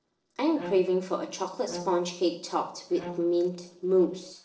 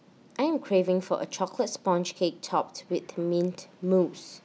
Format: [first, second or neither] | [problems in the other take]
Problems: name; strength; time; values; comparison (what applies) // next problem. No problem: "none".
second | noise reduction (neural separator model SepFormer DNS4)